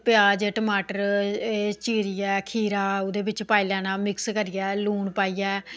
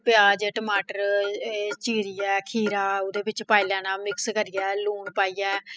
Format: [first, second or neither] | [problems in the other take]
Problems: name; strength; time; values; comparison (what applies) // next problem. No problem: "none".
first | noise reduction (classical method spectral subtraction)